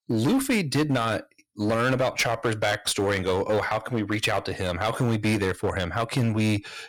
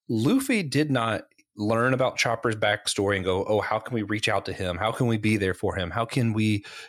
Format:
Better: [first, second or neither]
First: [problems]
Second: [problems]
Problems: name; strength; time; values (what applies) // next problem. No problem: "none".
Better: second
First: distortion; slight; 12% of the sound clipped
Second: none